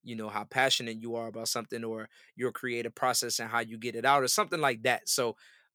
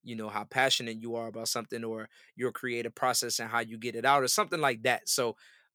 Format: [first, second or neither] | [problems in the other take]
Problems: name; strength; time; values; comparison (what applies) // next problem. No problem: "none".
neither | none